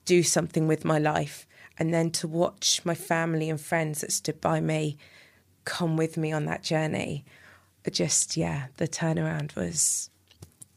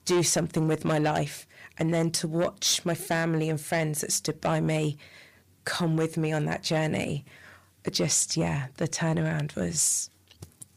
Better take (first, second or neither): first